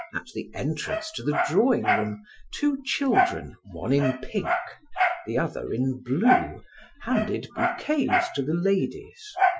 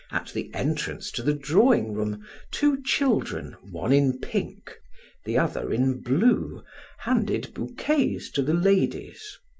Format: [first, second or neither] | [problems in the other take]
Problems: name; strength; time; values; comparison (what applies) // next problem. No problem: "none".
second | noise reduction (classical method Wiener filter)